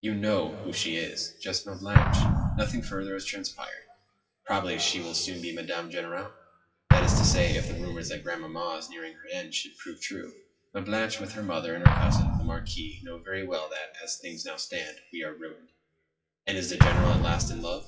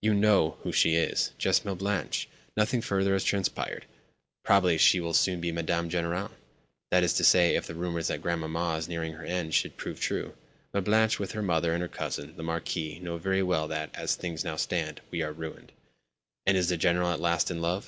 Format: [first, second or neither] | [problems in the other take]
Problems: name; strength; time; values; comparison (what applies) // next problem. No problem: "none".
second | noise reduction (classical method WPE with log-MMSE)